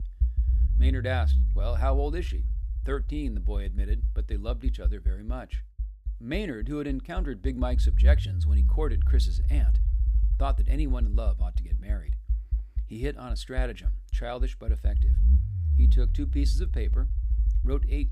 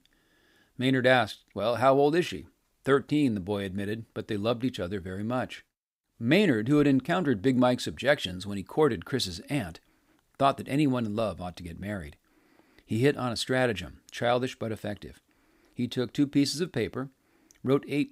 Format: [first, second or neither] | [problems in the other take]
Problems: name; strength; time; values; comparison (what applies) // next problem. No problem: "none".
second | low rumble; noticeable; throughout; 10 dB below the speech